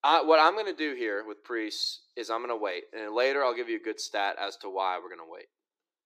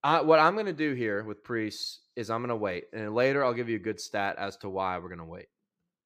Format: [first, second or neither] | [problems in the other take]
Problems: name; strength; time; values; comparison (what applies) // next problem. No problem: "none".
second | thin; somewhat; fading below 350 Hz